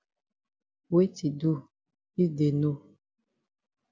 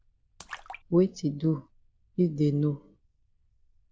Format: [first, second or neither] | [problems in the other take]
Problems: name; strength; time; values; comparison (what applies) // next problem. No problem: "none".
first | noise reduction (neural diffusion model UNIVERSE++)